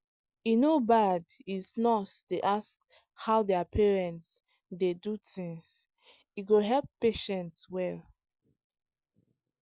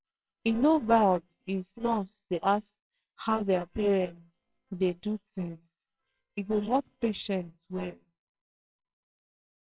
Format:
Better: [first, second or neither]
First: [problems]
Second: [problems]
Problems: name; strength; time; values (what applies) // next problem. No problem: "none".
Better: first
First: none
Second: noise reduction (neural separator model SepFormer WHAMR!)